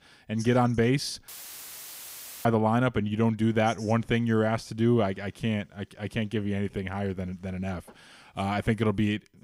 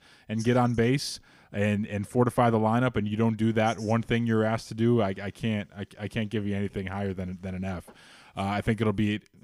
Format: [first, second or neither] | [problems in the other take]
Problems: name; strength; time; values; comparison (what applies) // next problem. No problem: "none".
second | audio cutting out; filled with static; at 1.5 s for 1 s